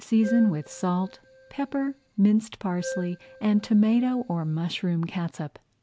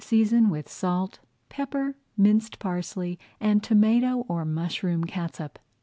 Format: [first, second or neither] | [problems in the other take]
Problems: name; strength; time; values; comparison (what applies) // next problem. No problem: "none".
second | background sound (Keyboard (musical)); 16 dB below the speech